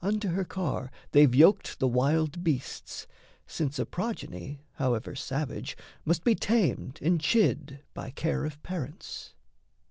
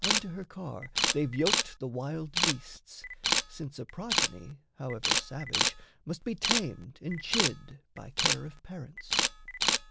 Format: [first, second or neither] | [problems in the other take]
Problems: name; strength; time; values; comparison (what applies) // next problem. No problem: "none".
first | background sound (Camera); 5 dB above the speech